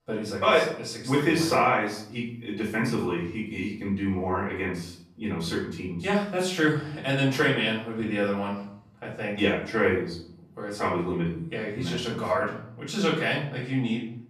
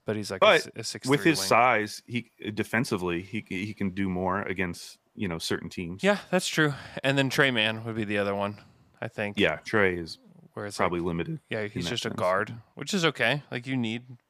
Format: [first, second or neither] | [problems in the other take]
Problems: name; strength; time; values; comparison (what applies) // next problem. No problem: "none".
second | off-mic speech; far // room echo; noticeable; dies away in 0.5 s